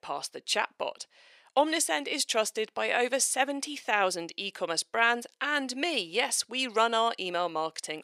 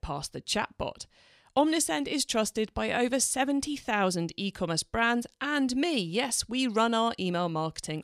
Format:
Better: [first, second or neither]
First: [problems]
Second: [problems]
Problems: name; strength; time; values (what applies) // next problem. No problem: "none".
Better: second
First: thin; somewhat; fading below 500 Hz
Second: none